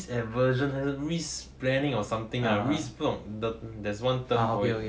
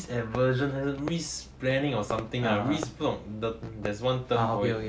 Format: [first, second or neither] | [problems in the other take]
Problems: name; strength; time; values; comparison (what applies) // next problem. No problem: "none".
first | background sound (Fireworks); 16 dB below the speech